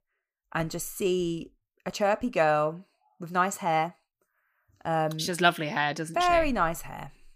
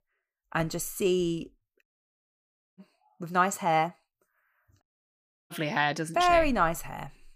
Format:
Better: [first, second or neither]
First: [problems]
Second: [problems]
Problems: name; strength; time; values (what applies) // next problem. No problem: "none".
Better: first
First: none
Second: audio cutting out; at 2 s for 1 s and at 5 s for 0.5 s